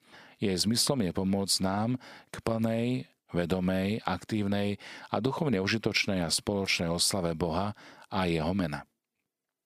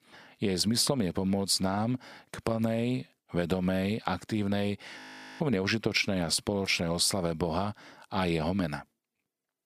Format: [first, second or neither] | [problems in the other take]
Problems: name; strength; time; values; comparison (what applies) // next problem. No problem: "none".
first | audio freezing; at 5 s